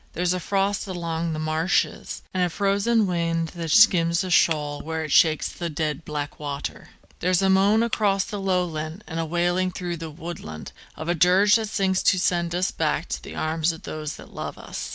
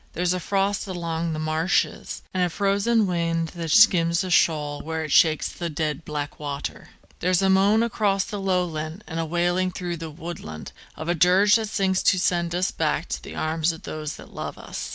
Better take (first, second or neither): second